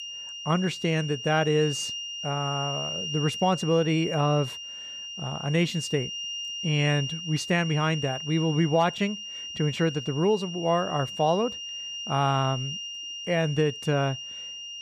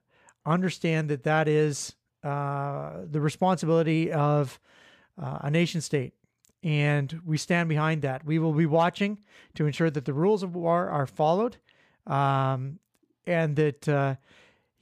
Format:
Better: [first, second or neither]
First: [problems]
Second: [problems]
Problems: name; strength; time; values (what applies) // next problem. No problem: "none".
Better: second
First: high-pitched whine; loud; throughout; 3 kHz, 7 dB below the speech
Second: none